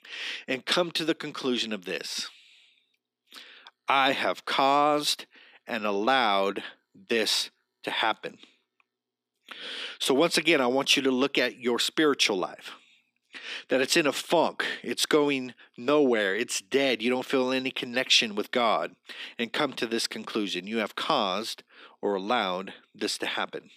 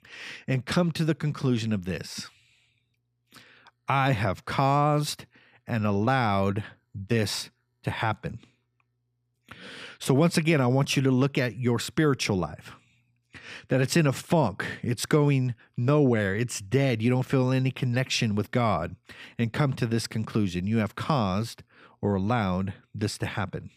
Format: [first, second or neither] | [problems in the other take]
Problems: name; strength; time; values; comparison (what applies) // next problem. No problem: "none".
second | thin; somewhat; fading below 300 Hz